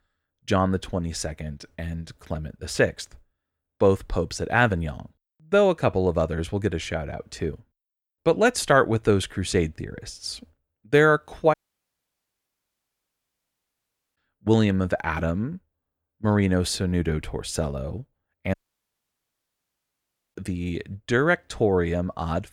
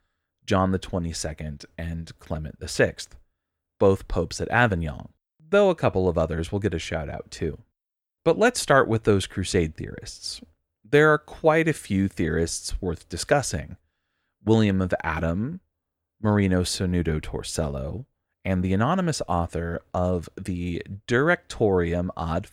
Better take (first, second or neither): second